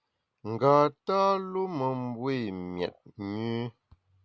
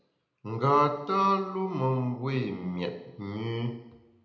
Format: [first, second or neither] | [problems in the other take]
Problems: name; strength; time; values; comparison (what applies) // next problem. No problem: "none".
first | room echo; dies away in 0.8 s